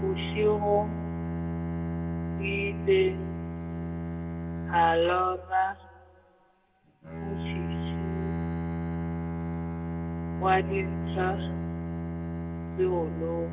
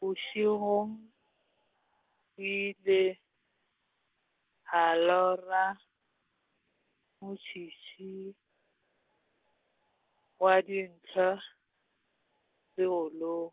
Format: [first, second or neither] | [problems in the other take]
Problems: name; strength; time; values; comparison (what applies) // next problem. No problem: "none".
second | background sound (Bowed string instrument); 2 dB below the speech // room echo; dies away in 2.2 s